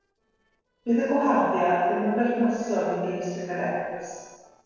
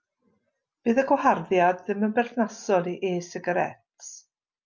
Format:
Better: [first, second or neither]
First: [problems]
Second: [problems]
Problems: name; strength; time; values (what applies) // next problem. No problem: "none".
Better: second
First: noise reduction (neural separator model SepFormer DNS4)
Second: none